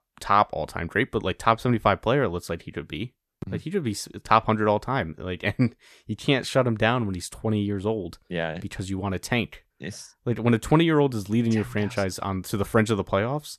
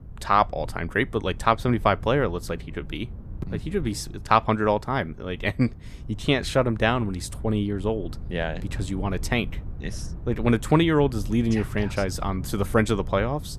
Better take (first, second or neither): first